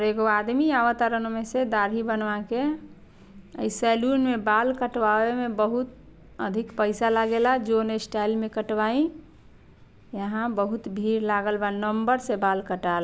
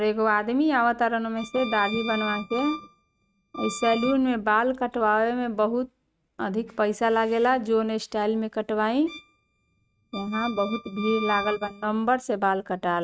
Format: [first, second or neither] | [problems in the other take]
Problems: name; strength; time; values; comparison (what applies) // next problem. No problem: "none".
first | noise reduction (neural mask model RNNoise)